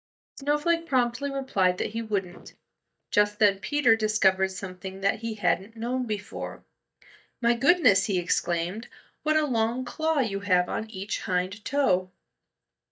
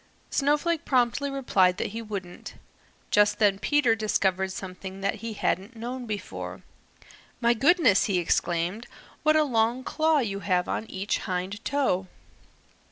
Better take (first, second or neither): second